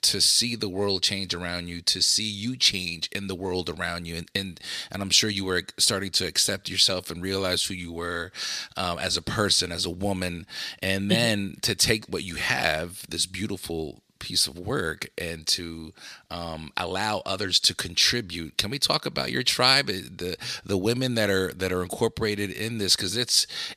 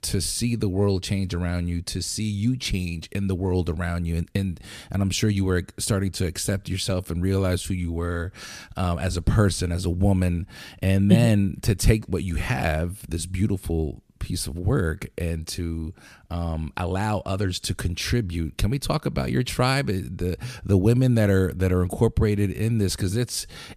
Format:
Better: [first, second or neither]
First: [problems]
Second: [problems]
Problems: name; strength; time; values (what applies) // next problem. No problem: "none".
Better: second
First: thin; somewhat; fading below 550 Hz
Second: none